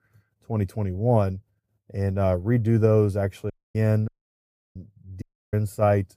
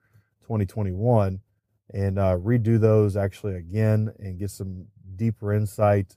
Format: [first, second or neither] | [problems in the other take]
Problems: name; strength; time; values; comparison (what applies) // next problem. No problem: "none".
second | audio cutting out; at 3.5 s, at 4 s for 0.5 s and at 5 s